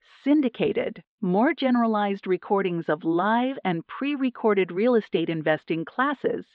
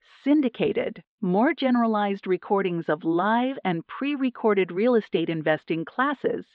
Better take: neither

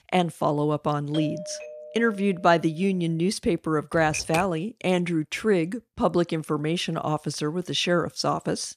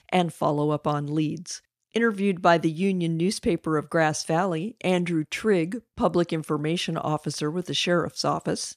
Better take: second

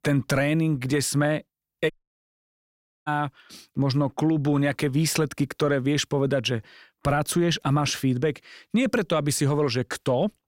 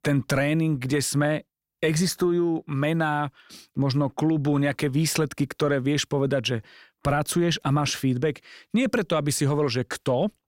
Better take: second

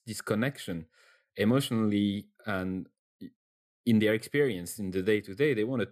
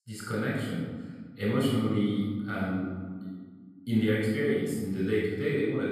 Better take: first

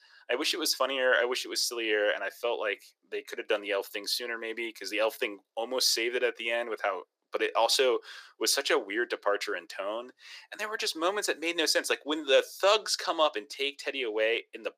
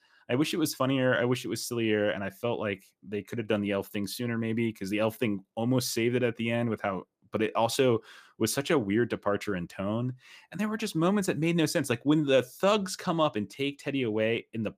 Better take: second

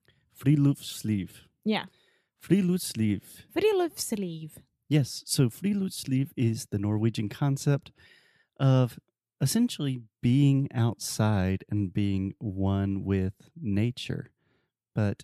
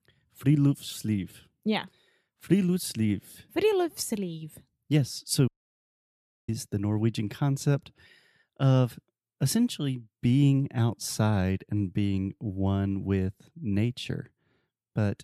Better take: first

